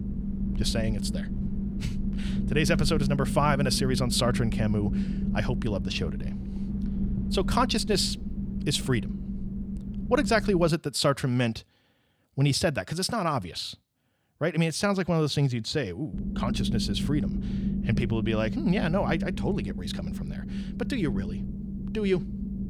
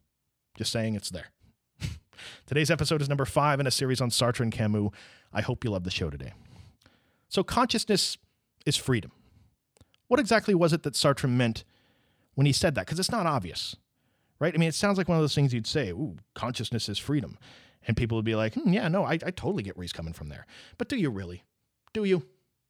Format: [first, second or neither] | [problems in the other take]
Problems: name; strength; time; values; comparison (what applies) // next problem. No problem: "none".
second | low rumble; noticeable; until 11 s and from 16 s on; 10 dB below the speech